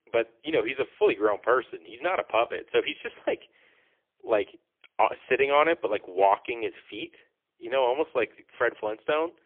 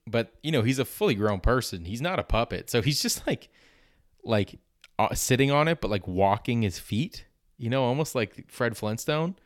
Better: second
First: phone-call audio; poor line; nothing above 3.5 kHz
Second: none

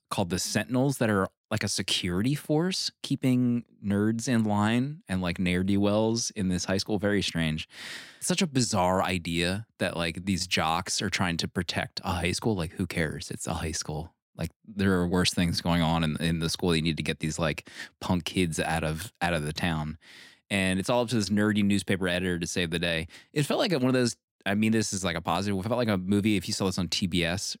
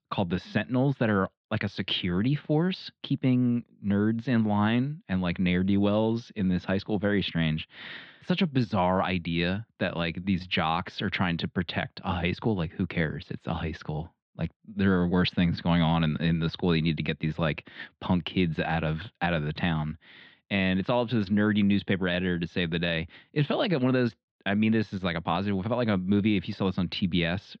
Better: first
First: none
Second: muffled; slightly; fading above 3.5 kHz

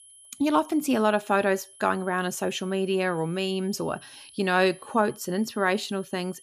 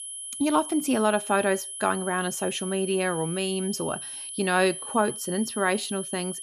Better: first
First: high-pitched whine; faint; throughout; 10.5 kHz, 25 dB below the speech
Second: high-pitched whine; loud; throughout; 10.5 kHz, 8 dB below the speech

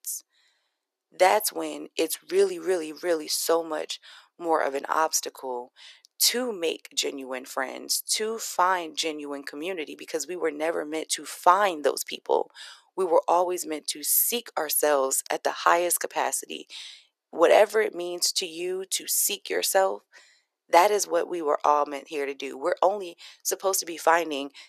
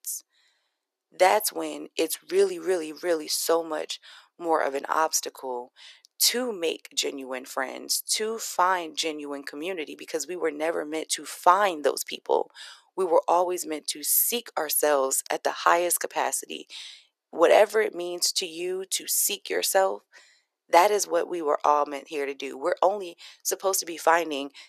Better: neither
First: thin; very; fading below 450 Hz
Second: thin; very; fading below 450 Hz

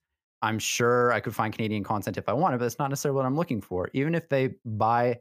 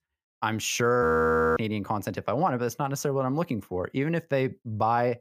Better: first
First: none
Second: audio freezing; at 1 s for 0.5 s

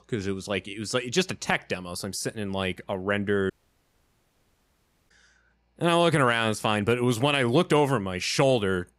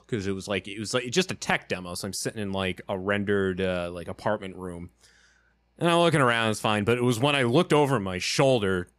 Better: second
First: audio cutting out; at 3.5 s for 1.5 s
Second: none

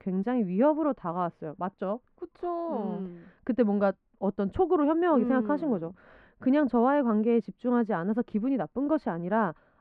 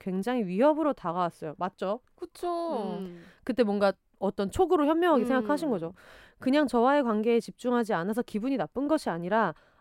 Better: second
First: muffled; very; fading above 2 kHz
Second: none

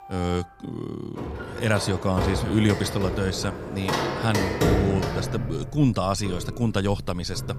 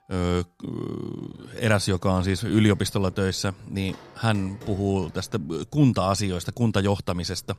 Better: second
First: household noises; loud; throughout; 3 dB below the speech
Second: household noises; faint; throughout; 25 dB below the speech

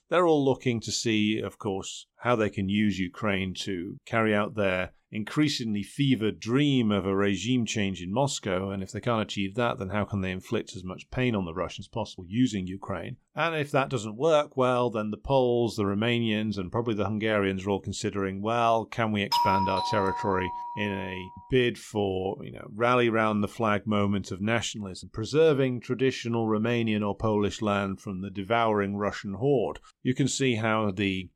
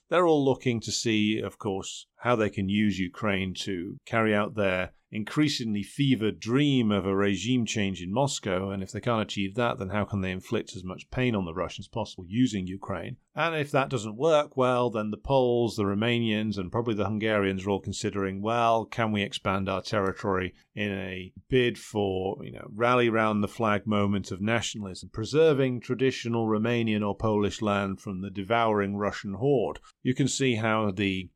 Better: second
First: doorbell; loud; from 19 to 21 s; peak 2 dB above the speech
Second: none

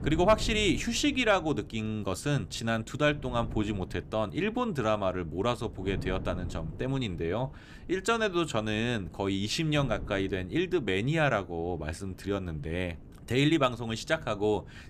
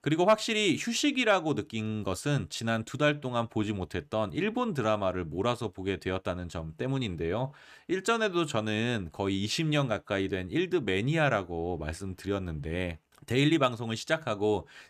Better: second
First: wind noise on the microphone; occasional gusts; 25 dB below the speech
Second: none

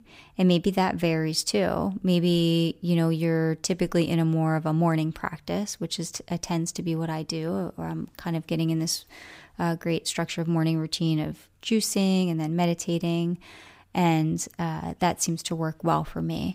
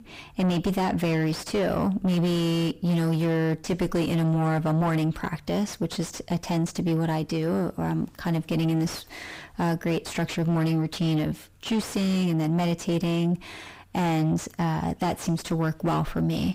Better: first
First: none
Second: distortion; heavy; 6 dB below the speech

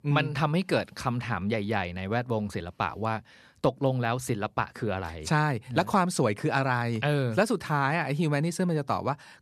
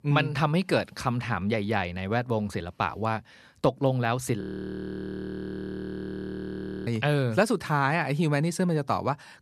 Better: first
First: none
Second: audio freezing; at 4.5 s for 2.5 s

